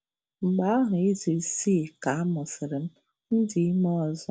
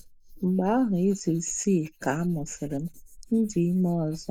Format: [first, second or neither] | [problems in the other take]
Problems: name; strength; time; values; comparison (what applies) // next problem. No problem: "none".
first | noise reduction (neural mask model Resemble Enhance denoiser)